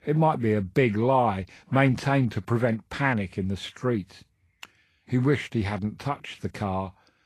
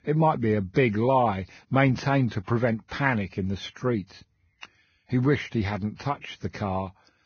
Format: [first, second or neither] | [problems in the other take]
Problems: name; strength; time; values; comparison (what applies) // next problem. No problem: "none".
first | garbled, watery; badly; nothing above 6.5 kHz; slightly in the first